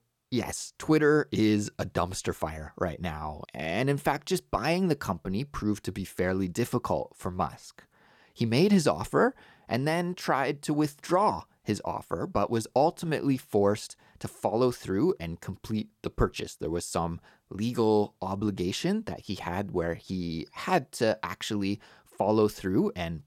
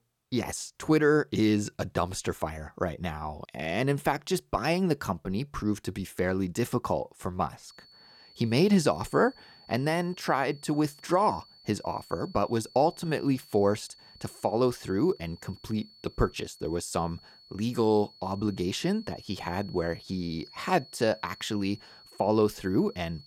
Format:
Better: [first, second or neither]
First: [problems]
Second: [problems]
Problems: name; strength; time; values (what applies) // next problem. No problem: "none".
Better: first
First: none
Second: high-pitched whine; faint; from 7.5 s on; 4.5 kHz, 20 dB below the speech